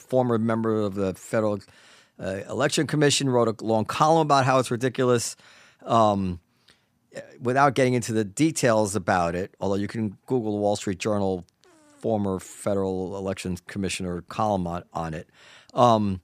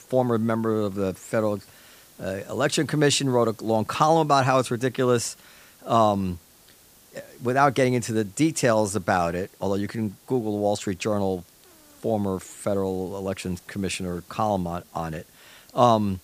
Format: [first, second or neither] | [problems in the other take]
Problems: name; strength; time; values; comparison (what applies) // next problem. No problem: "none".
first | hiss; faint; throughout; 25 dB below the speech